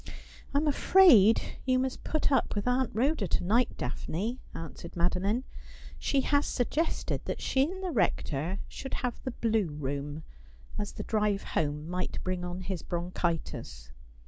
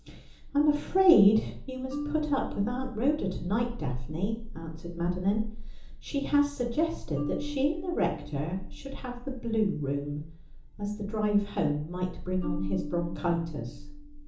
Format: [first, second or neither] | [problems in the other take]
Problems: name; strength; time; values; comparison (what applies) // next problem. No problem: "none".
first | background sound (Marimba, xylophone); 14 dB below the speech // room echo; dies away in 1.2 s